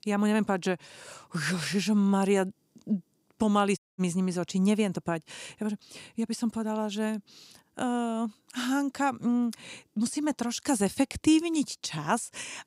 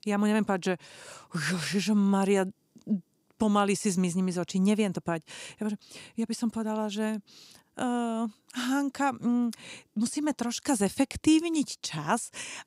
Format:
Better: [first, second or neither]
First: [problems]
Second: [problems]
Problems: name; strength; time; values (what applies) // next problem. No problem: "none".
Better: second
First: audio cutting out; at 4 s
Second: none